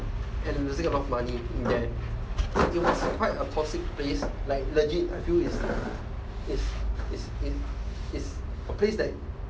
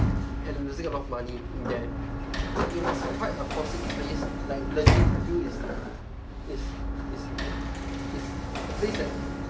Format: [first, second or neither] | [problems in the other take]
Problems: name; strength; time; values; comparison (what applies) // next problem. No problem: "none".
first | background sound (Sliding door / Slam); 2 dB above the speech